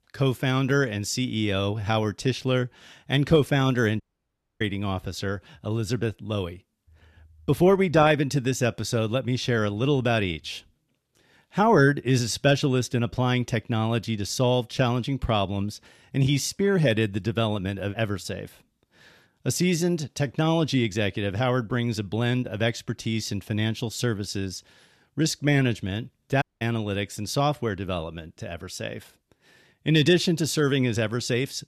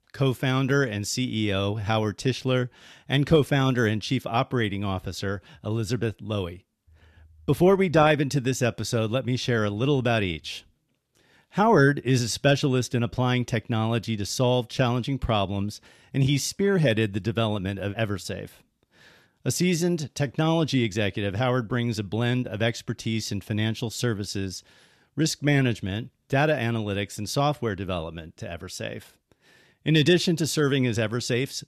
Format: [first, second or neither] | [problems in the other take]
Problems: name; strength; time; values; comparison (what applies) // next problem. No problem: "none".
second | audio cutting out; at 4 s for 0.5 s and at 26 s